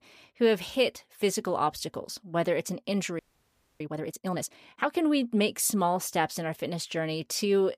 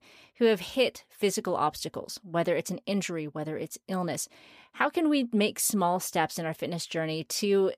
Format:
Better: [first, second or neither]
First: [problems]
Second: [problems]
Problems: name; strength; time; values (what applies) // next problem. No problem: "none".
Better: second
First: audio freezing; at 3 s for 0.5 s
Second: none